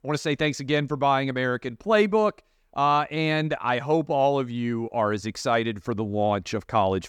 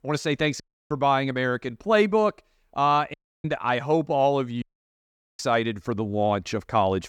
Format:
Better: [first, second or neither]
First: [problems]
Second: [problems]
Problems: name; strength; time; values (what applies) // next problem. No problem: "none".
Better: first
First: none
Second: audio cutting out; at 0.5 s, at 3 s and at 4.5 s for 1 s